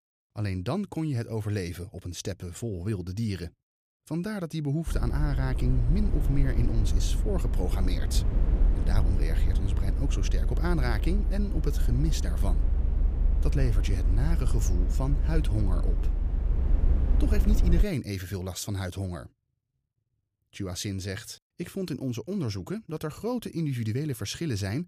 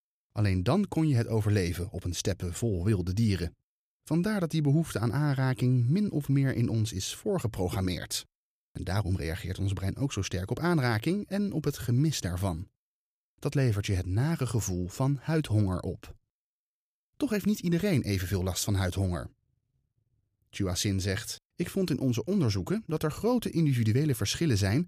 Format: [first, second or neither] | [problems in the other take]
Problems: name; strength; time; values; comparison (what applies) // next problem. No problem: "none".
second | low rumble; loud; from 5 to 18 s; 7 dB below the speech